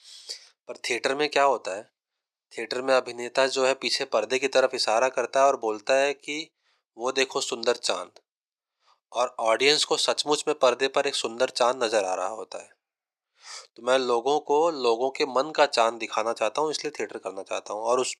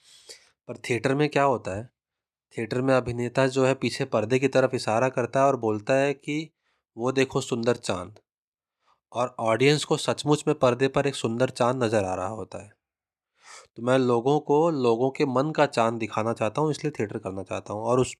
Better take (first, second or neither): second